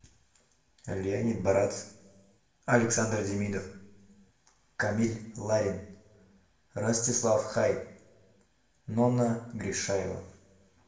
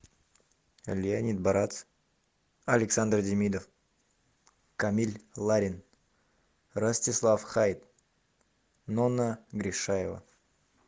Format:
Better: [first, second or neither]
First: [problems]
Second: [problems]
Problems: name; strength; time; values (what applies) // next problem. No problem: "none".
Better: second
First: room echo; dies away in 0.6 s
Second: none